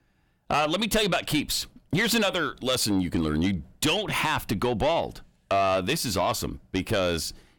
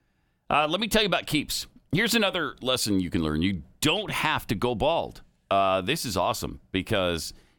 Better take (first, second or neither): second